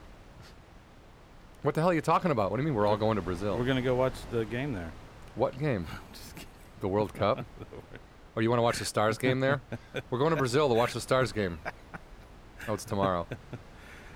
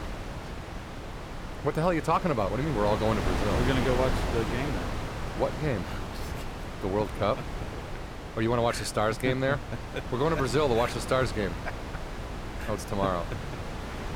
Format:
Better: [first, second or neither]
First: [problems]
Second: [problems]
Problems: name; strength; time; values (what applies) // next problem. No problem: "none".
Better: first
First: wind noise on the microphone; occasional gusts; 25 dB below the speech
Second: wind noise on the microphone; heavy; 8 dB below the speech